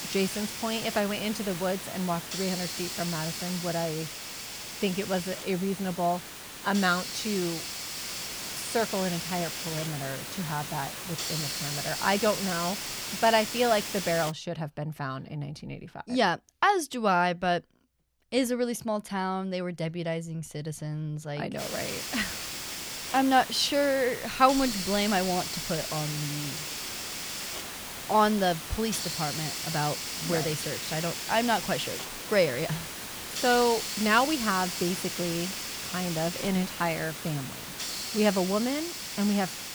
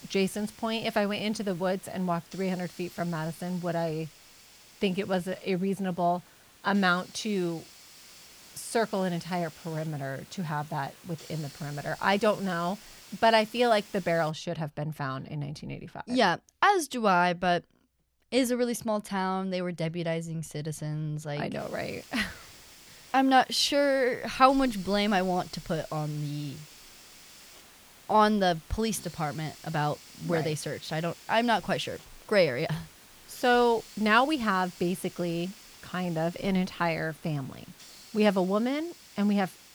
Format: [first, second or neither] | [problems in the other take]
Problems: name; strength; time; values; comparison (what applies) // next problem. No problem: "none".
second | hiss; loud; until 14 s and from 22 s on; 5 dB below the speech; faint in the second